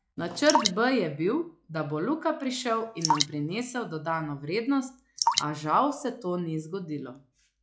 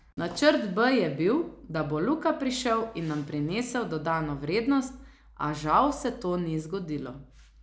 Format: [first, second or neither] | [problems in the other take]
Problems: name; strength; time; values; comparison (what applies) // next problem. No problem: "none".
second | noise reduction (classical method log-MMSE)